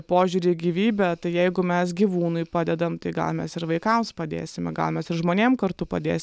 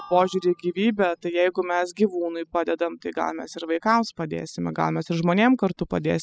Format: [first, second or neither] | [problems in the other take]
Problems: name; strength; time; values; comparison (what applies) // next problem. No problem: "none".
first | noise reduction (classical method spectral subtraction)